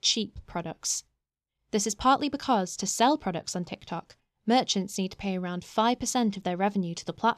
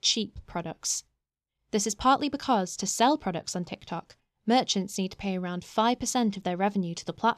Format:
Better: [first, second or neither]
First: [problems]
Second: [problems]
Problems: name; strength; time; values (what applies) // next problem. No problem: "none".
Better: neither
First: none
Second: none